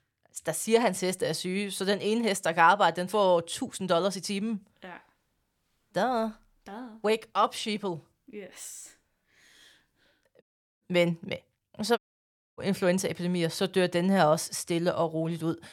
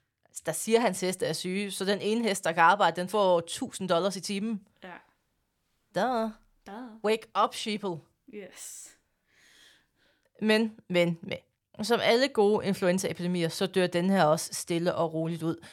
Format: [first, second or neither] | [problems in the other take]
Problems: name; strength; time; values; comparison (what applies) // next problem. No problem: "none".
second | audio cutting out; at 10 s and at 12 s for 0.5 s